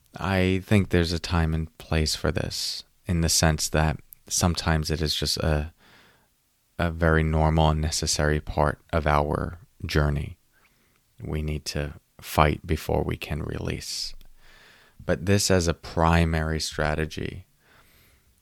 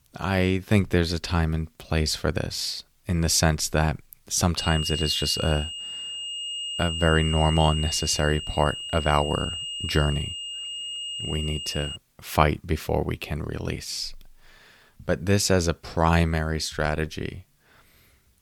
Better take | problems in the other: first | high-pitched whine; loud; from 4.5 to 12 s; 3 kHz, 5 dB below the speech

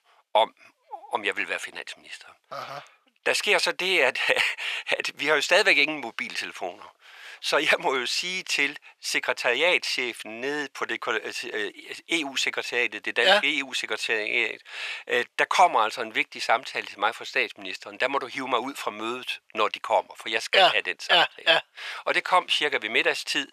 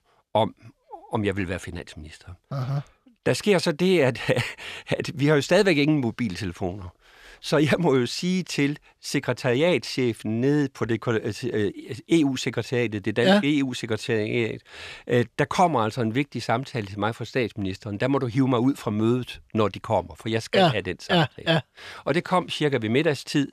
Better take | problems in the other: second | thin; very; fading below 750 Hz

